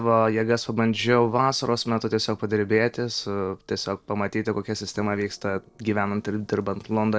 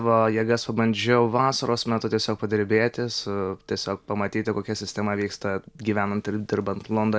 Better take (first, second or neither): second